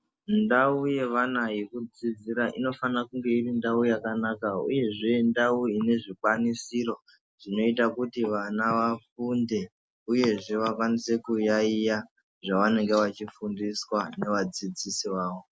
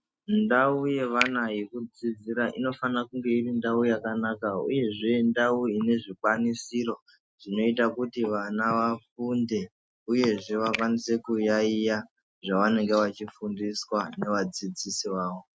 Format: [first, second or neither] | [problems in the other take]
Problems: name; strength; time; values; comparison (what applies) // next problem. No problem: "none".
first | noise reduction (neural mask model RNNoise)